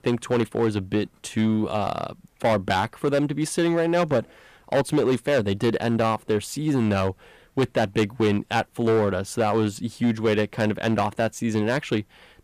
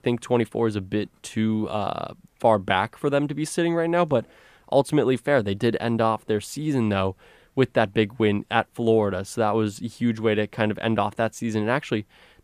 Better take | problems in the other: second | distortion; slight; 8% of the sound clipped

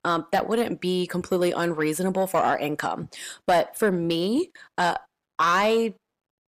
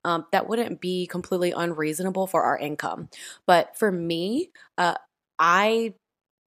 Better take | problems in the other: second | distortion; slight; 10 dB below the speech

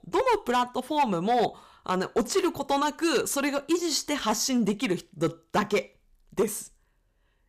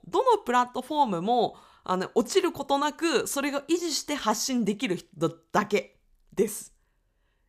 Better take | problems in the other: second | distortion; slight; 5% of the sound clipped

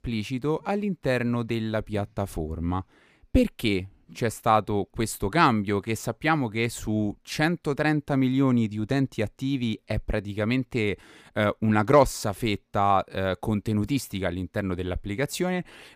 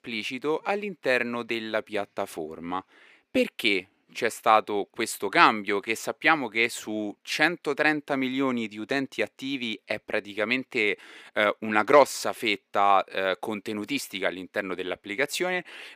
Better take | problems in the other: first | thin; somewhat; fading below 400 Hz

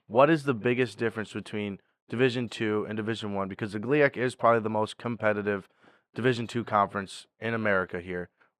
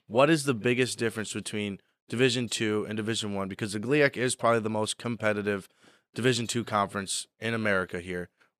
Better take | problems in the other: second | muffled; slightly; fading above 4 kHz

